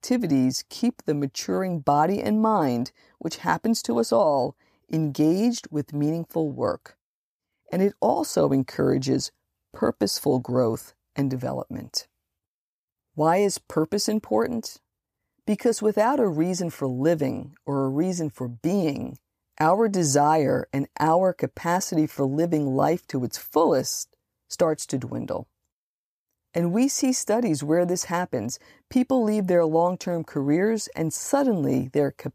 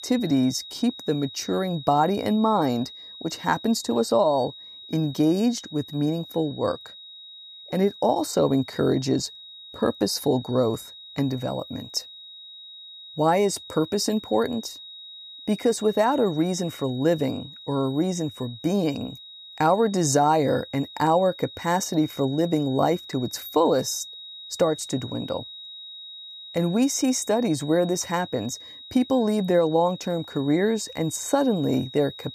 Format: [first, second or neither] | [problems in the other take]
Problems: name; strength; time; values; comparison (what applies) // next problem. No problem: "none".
first | high-pitched whine; noticeable; throughout; 4 kHz, 15 dB below the speech